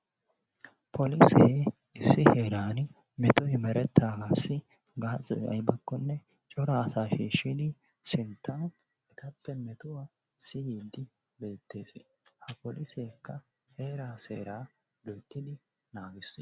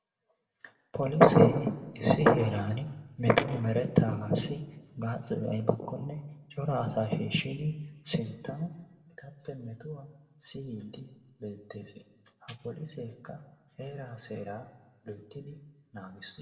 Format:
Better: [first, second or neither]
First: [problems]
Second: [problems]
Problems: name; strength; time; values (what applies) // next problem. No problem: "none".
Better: first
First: none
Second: room echo; dies away in 0.7 s